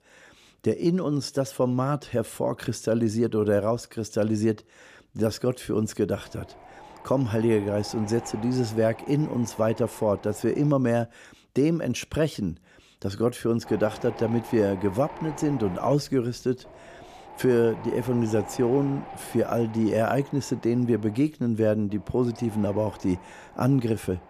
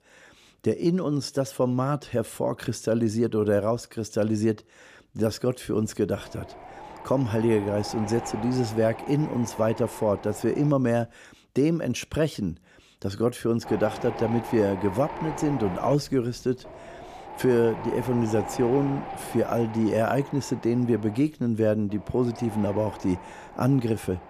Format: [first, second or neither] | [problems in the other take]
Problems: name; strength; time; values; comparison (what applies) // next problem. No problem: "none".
first | wind noise on the microphone; heavy; from 5.5 to 11 s and from 14 s on; 9 dB below the speech; occasional gusts in the first